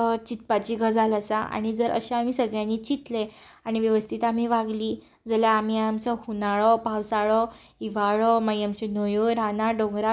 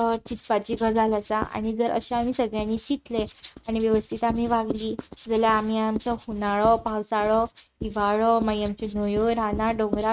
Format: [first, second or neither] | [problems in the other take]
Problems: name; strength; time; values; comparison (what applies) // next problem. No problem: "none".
first | noise reduction (neural mask model RNNoise)